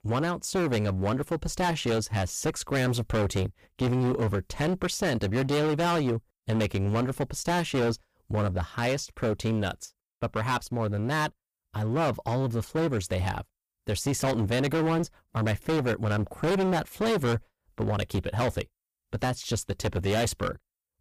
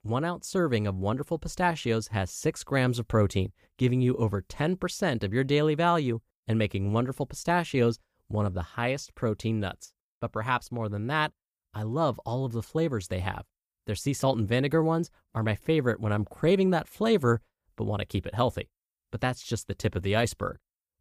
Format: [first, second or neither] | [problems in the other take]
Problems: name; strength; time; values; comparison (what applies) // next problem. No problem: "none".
second | distortion; heavy; 19% of the sound clipped